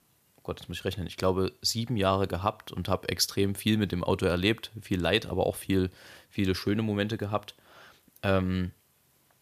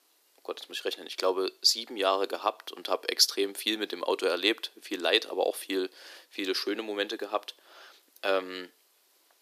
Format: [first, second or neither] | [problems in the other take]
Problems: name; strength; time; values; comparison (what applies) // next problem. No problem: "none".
first | thin; somewhat; fading below 300 Hz